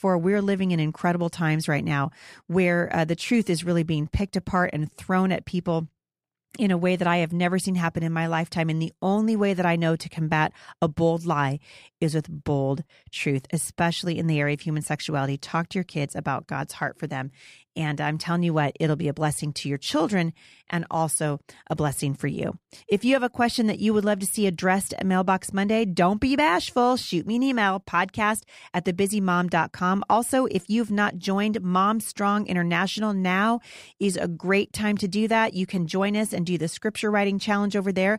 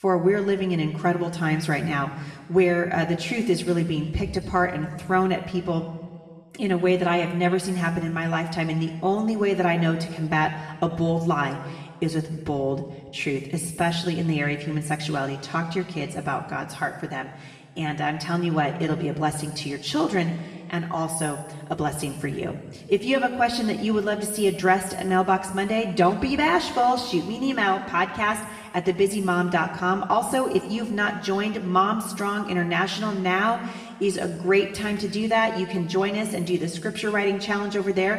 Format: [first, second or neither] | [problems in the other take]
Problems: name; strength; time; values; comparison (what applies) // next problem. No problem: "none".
first | room echo; noticeable; dies away in 1.2 s // off-mic speech; somewhat distant